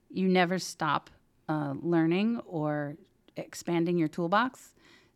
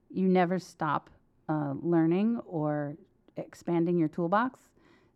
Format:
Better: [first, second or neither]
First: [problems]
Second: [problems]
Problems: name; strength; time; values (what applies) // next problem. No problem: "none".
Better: first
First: none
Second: muffled; slightly; fading above 2 kHz